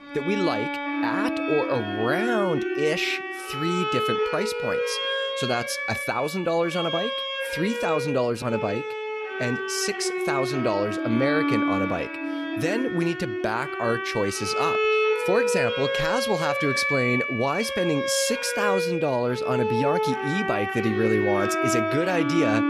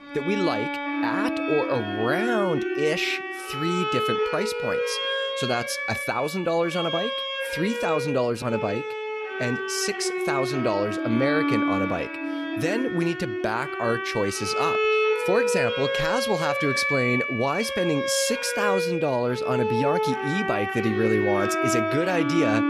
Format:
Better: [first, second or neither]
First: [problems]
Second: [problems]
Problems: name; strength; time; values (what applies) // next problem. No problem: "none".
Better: neither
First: background music; loud; throughout; as loud as the speech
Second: background music; loud; throughout; as loud as the speech